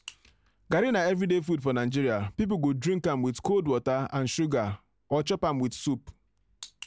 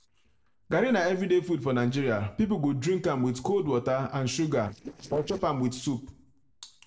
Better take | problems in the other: first | noise reduction (neural separator model SepFormer DNS4)

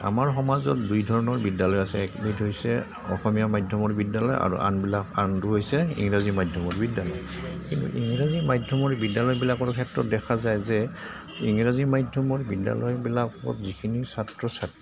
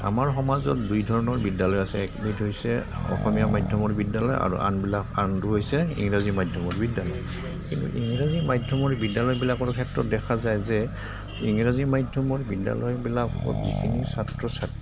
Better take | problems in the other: first | background sound (Accelerating, revving, vroom); 8 dB below the speech

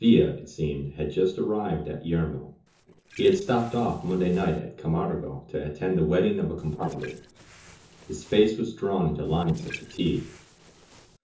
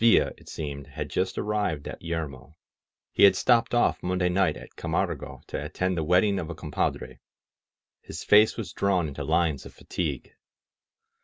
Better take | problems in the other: second | noise reduction (neural separator model SepFormer DNS4)

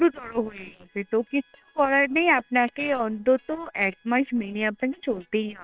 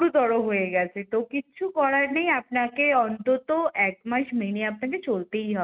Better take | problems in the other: second | noise reduction (neural separator model SepFormer WHAM!)

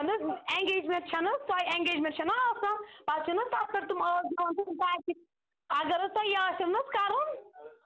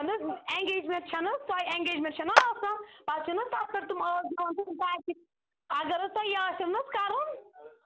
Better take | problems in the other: first | background sound (Clapping); 2 dB above the speech

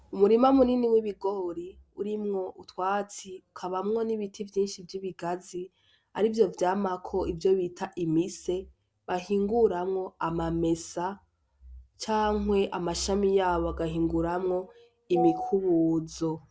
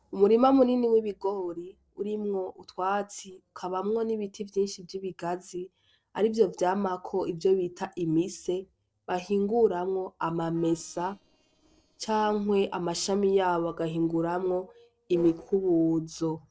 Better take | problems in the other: first | noise reduction (neural separator model SepFormer DNS4)

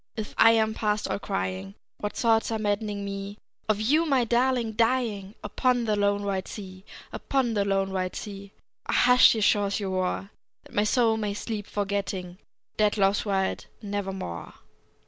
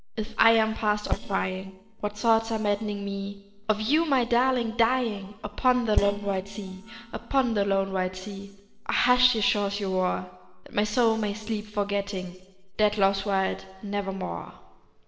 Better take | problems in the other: first | noise reduction (neural separator model SepFormer DNS4)

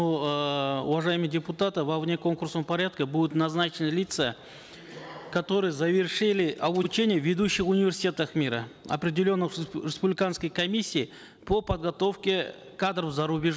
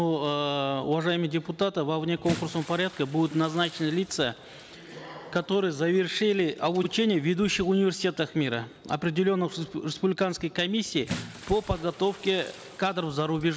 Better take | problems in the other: first | background sound (Bathtub (filling or washing) / Splash, splatter); 19 dB below the speech

